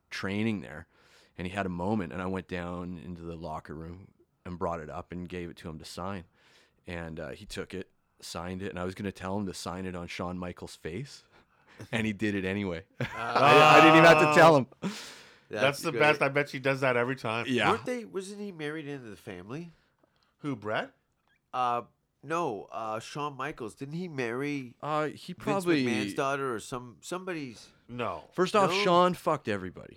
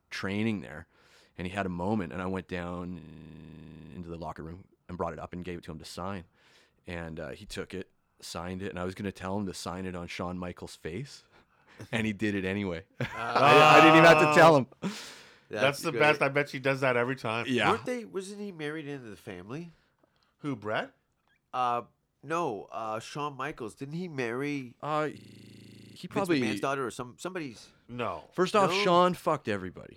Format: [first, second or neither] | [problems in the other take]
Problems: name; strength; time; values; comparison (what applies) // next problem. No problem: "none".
first | audio freezing; at 3 s for 1 s and at 25 s for 1 s